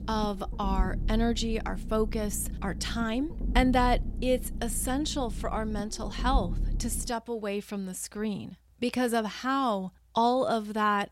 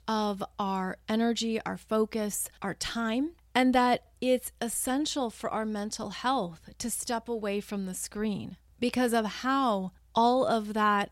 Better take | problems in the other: second | low rumble; noticeable; until 7 s; 20 dB below the speech

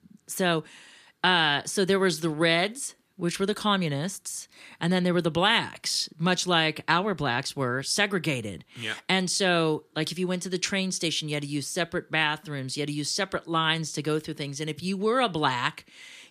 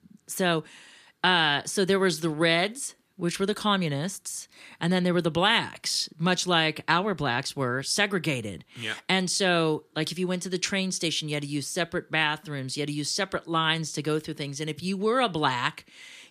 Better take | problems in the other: neither | none

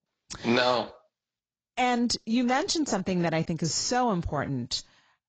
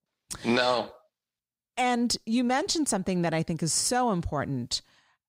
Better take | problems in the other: second | garbled, watery; badly; nothing above 7.5 kHz

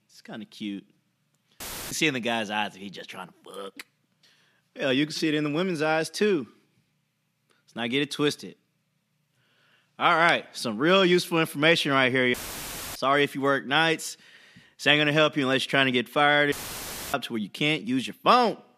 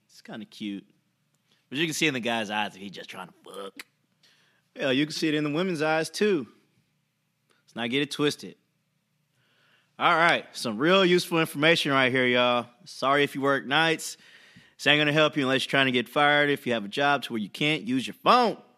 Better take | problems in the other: second | audio cutting out; filled with static; at 1.5 s, at 12 s for 0.5 s and at 17 s for 0.5 s

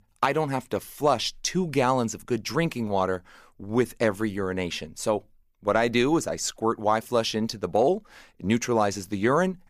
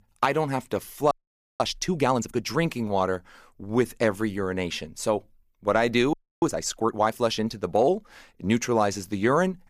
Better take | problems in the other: first | audio freezing; at 1 s and at 6 s

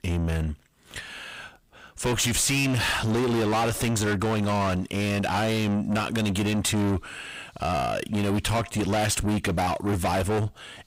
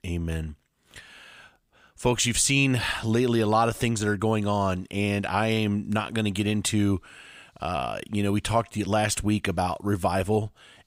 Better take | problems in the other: second | distortion; heavy; 6 dB below the speech

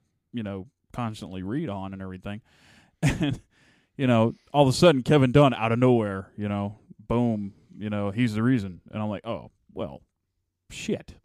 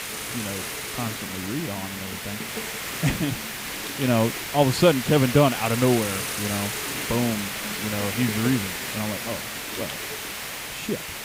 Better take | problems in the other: first | hiss; loud; throughout; 4 dB below the speech

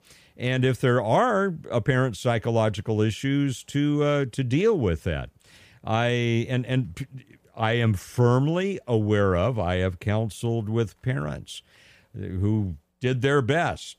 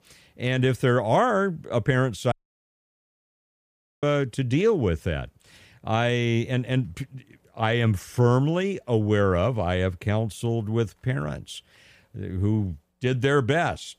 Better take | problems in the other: first | audio cutting out; at 2.5 s for 1.5 s

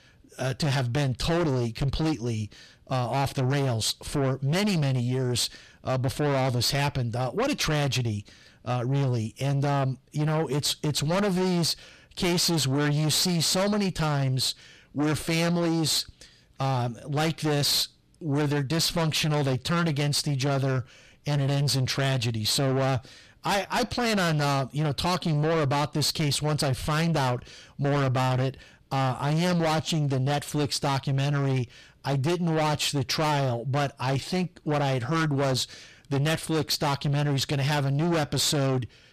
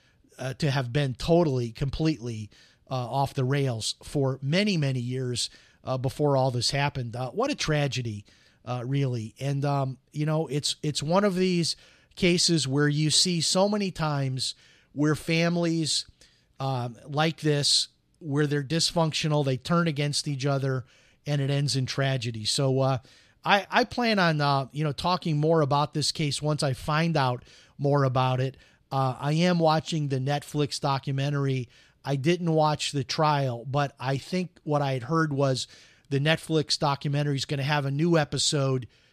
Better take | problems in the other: second | distortion; heavy; 6 dB below the speech

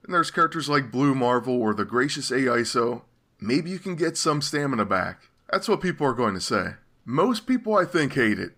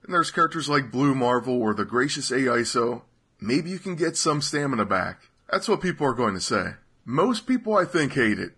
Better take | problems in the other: first | garbled, watery; badly

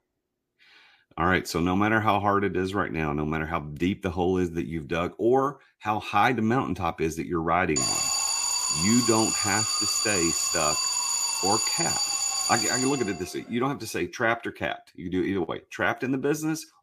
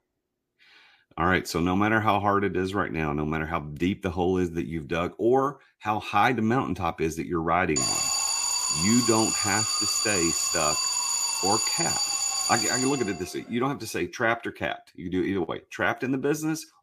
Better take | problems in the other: neither | alarm; loud; from 8 to 13 s; peak 4 dB above the speech; the same in both

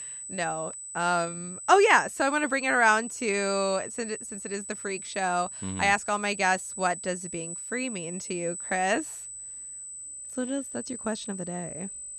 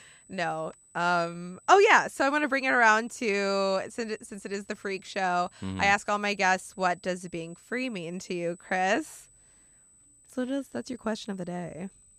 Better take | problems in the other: second | high-pitched whine; loud; throughout; 8 kHz, 9 dB below the speech; faint in the second

